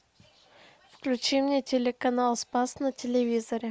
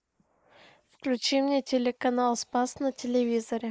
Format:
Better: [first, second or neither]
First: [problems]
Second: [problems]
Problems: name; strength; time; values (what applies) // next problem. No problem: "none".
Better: first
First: none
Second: noise reduction (neural mask model Resemble Enhance denoiser)